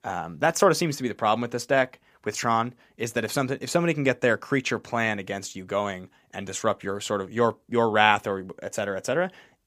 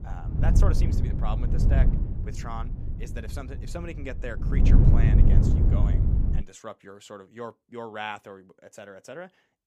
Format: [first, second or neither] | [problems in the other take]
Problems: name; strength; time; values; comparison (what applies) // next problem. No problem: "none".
first | wind noise on the microphone; heavy; until 6.5 s; 2 dB above the speech